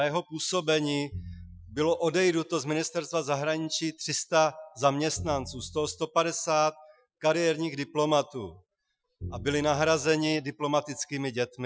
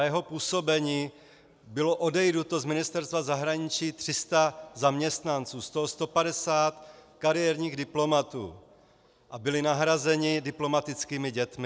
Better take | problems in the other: second | noise reduction (classical method Wiener filter)

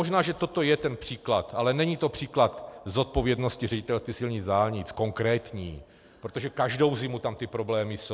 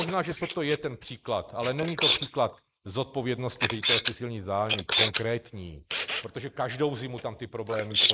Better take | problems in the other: first | noise reduction (neural mask model Resemble Enhance denoiser)

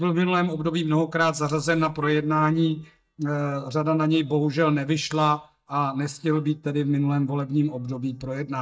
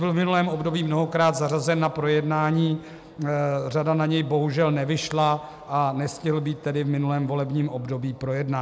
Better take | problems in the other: second | noise reduction (neural mask model DeepFilterNet 3)

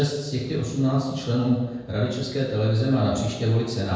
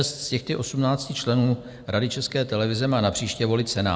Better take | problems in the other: second | room echo; dies away in 1.1 s

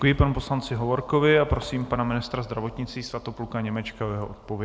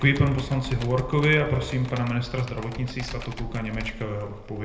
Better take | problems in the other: first | background sound (Computer keyboard); 12 dB below the speech // room echo; dies away in 0.7 s

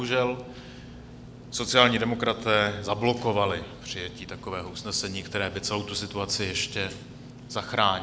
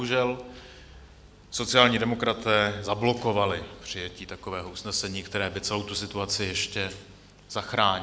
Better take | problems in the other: second | background sound (Engine / Mechanisms); 17 dB below the speech

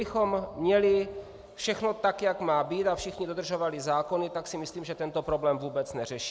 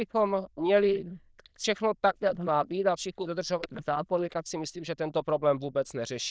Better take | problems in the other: first | noise reduction (neural diffusion model UNIVERSE++)

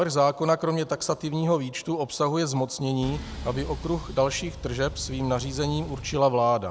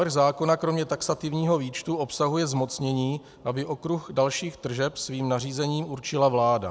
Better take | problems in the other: second | background sound (Engine); 11 dB below the speech

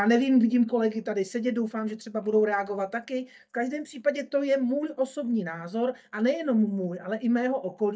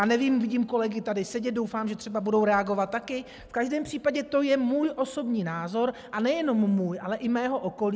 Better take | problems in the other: second | noise reduction (neural mask model DeepFilterNet 3)

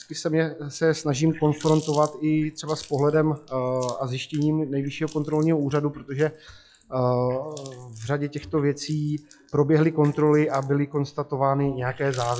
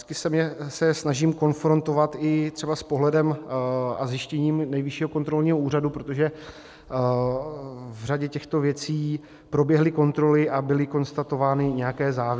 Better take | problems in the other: second | noise reduction (classical method log-MMSE)

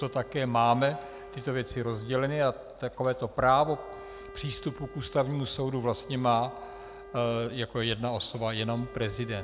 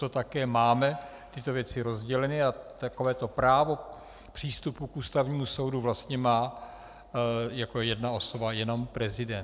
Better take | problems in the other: second | background sound (Wind instrument, woodwind instrument); 18 dB below the speech

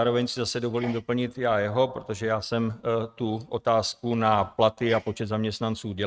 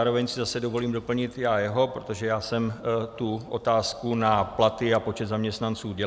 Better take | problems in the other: second | noise reduction (neural mask model RNNoise)

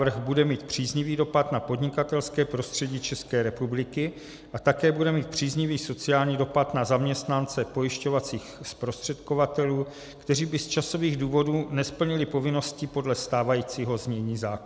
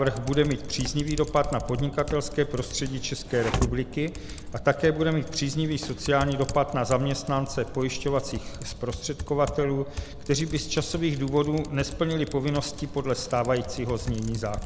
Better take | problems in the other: first | background sound (Typing); 9 dB below the speech

